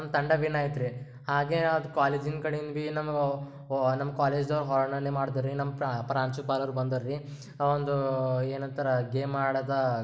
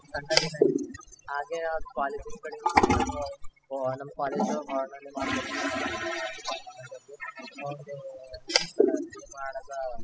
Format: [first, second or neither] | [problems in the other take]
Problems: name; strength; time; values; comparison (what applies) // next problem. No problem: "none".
first | noise reduction (classical method spectral subtraction)